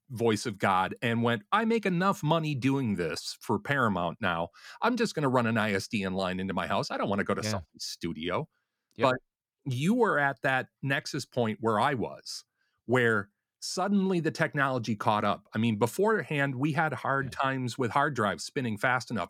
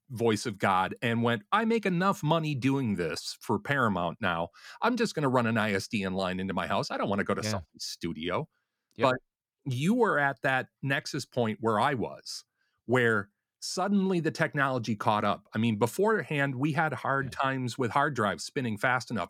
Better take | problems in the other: neither | none

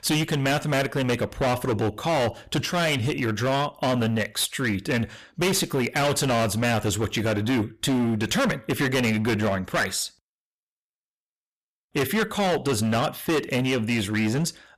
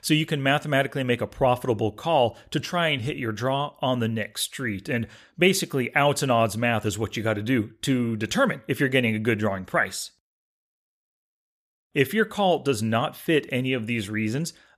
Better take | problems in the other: second | distortion; heavy; 20% of the sound clipped

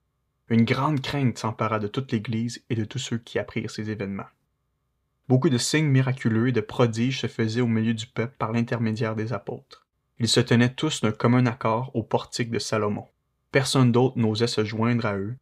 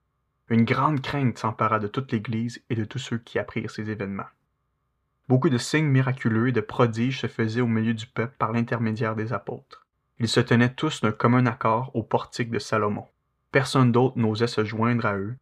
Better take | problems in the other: first | muffled; very slightly; fading above 3.5 kHz

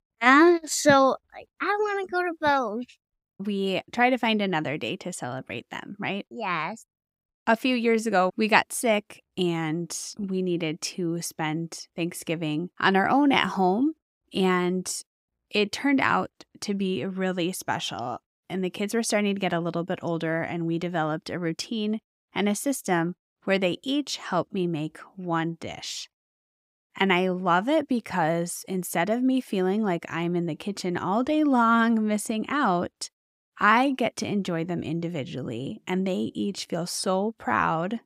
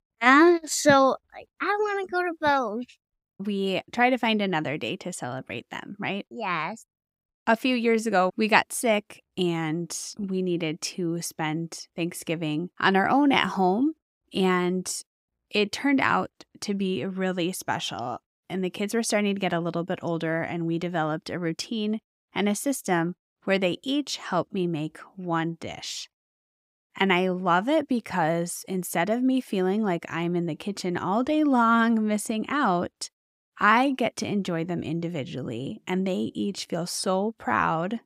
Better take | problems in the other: neither | none

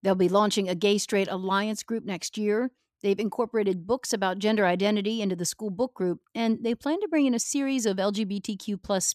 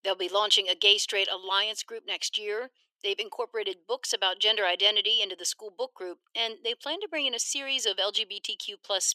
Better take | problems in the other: first | thin; very; fading below 400 Hz

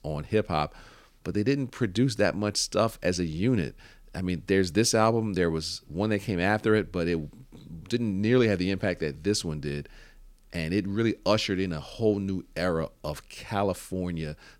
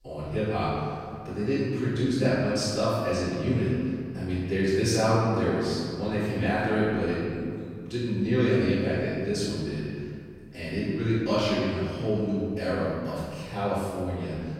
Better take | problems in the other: first | off-mic speech; far // room echo; strong; dies away in 2 s

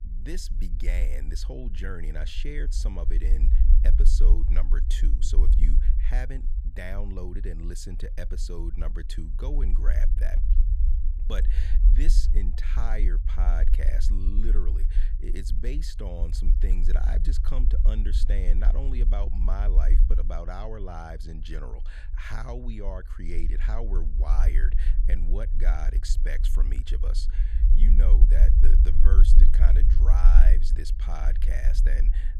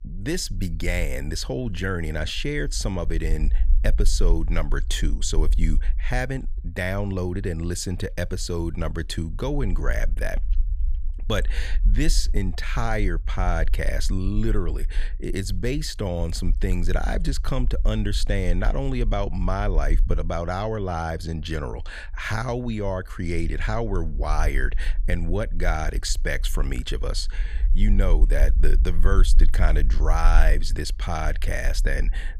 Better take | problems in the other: second | low rumble; loud; throughout; 7 dB below the speech; faint in the second

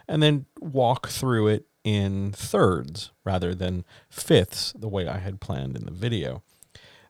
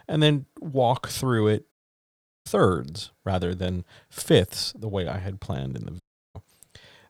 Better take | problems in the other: first | audio cutting out; at 1.5 s for 0.5 s and at 6 s

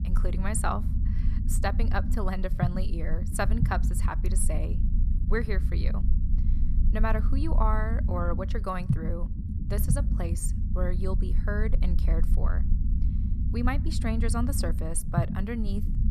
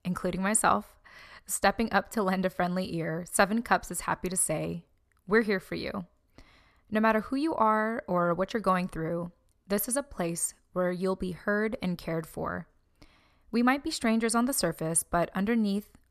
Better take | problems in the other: second | low rumble; loud; throughout; 9 dB below the speech

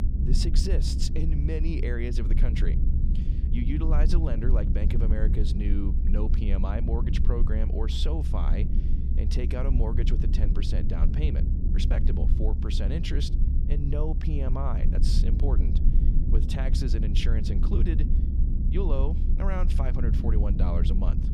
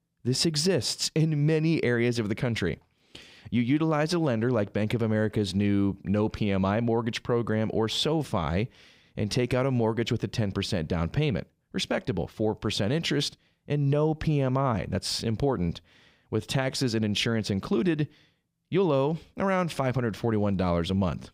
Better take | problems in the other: second | low rumble; loud; throughout; 5 dB below the speech

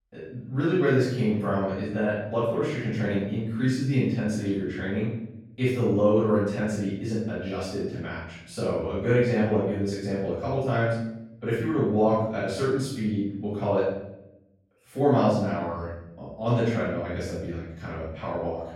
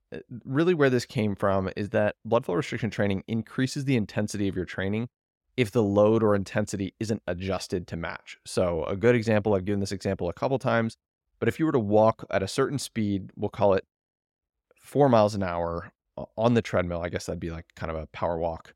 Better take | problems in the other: second | off-mic speech; far // room echo; strong; dies away in 0.8 s

